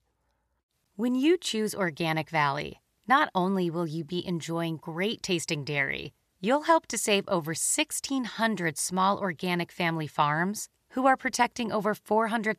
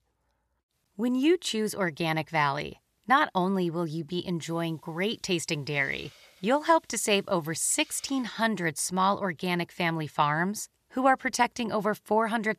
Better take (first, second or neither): first